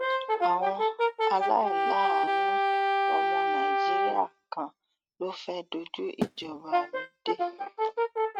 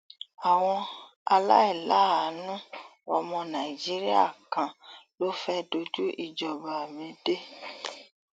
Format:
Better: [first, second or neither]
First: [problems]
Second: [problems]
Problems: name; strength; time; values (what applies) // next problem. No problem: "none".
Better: second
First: noise reduction (neural mask model RNNoise)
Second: none